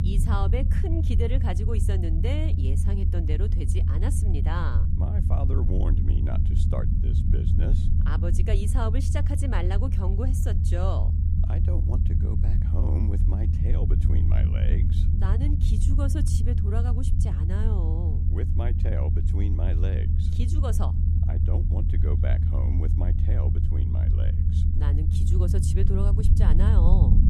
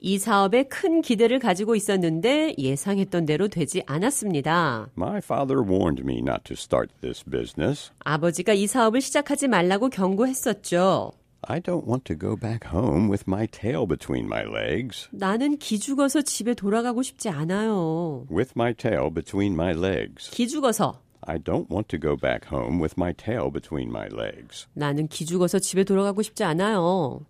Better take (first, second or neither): second